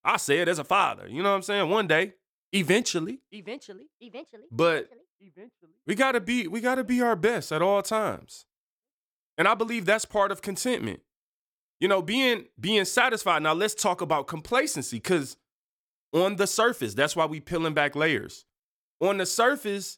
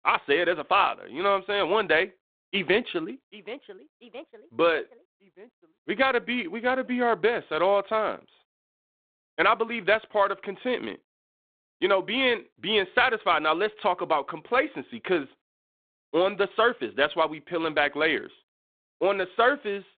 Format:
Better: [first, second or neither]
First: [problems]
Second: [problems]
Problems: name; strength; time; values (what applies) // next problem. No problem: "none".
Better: first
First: none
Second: phone-call audio; nothing above 3.5 kHz